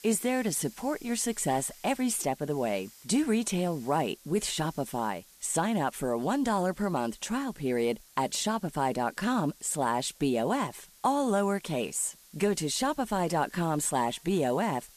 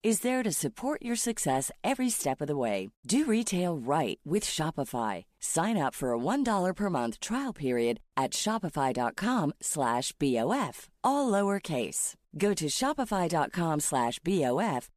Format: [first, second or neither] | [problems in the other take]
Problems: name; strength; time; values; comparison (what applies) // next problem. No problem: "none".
second | hiss; faint; throughout; 25 dB below the speech